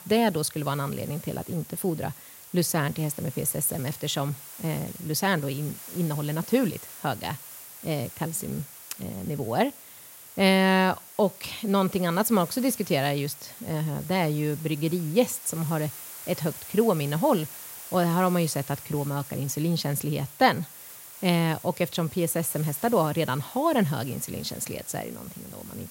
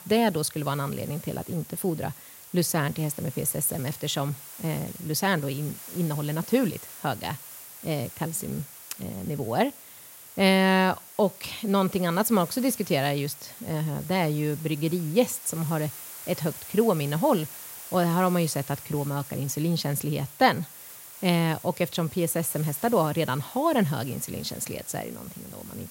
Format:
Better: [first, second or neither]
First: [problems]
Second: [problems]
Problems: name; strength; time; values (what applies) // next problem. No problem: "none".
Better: neither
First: hiss; noticeable; throughout; 15 dB below the speech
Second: hiss; noticeable; throughout; 15 dB below the speech